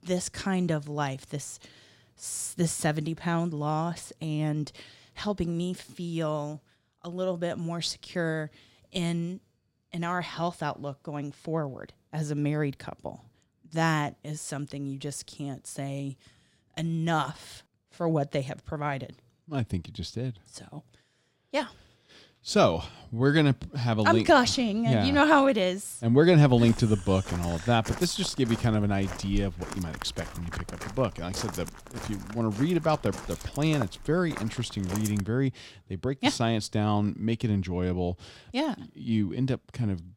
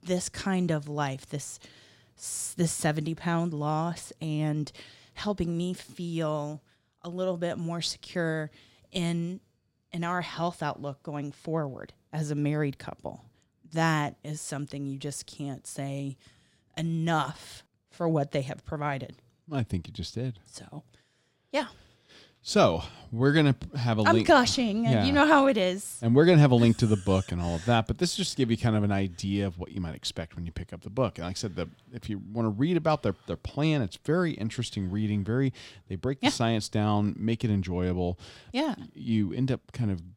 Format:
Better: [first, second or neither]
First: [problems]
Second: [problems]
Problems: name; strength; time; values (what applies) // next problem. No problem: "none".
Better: second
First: footsteps; noticeable; from 27 to 35 s; peak 9 dB below the speech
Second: none